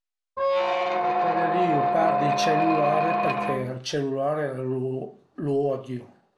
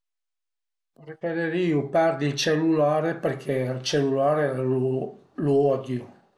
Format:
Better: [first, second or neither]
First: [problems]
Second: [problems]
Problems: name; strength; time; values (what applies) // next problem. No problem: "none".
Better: second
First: background sound (Squeak); 5 dB above the speech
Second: none